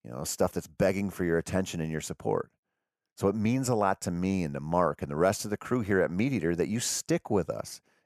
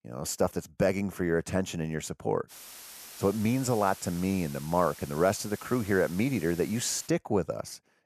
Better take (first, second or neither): first